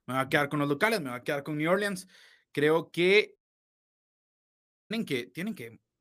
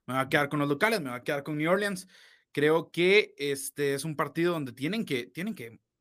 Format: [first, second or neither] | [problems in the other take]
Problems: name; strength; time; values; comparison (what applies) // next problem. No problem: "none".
second | audio cutting out; at 3.5 s for 1.5 s